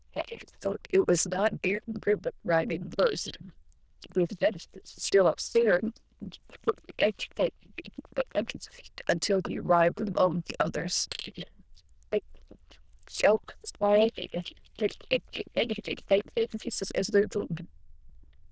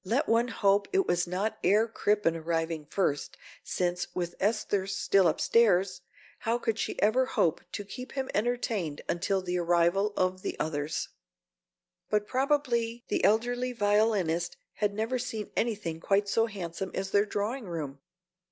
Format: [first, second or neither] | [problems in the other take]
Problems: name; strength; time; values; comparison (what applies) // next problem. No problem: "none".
second | noise reduction (neural diffusion model UNIVERSE++)